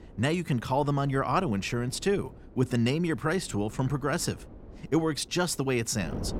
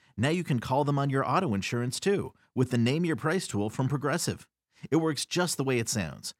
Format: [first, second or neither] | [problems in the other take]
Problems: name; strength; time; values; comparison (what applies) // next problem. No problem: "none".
second | wind noise on the microphone; occasional gusts; 20 dB below the speech